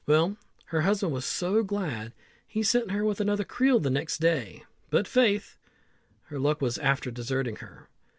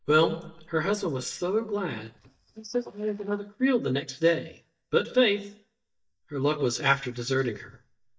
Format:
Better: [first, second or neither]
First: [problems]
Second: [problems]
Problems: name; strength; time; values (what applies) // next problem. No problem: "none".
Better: first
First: none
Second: noise reduction (neural mask model DeepFilterNet 3)